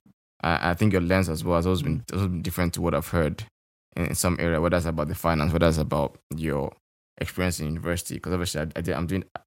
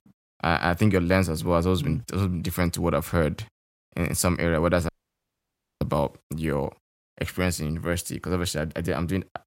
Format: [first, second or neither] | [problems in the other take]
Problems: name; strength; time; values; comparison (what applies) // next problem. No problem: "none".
first | audio cutting out; at 5 s for 1 s